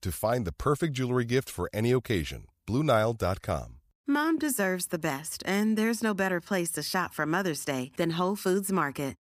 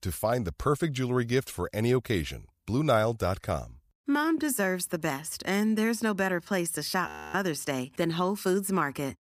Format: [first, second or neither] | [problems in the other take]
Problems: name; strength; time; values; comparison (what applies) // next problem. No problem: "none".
first | audio freezing; at 7 s